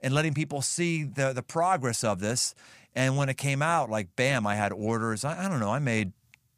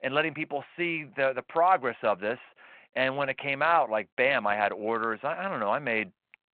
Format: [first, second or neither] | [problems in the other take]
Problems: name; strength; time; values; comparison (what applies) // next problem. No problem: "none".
first | phone-call audio